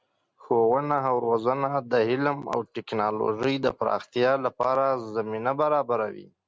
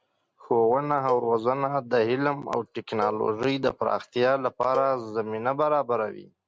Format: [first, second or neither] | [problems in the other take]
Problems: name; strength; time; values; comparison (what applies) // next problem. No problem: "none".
first | background sound (Cowbell); 16 dB below the speech